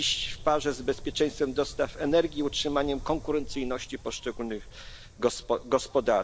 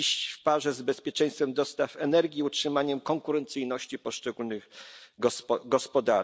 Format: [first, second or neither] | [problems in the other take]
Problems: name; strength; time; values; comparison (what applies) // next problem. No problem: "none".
second | background sound (Wind); 13 dB below the speech